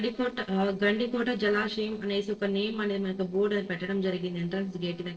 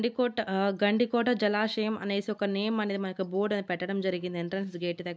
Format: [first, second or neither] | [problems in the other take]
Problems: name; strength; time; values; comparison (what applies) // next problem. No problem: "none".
second | noise reduction (neural separator model SepFormer DNS4)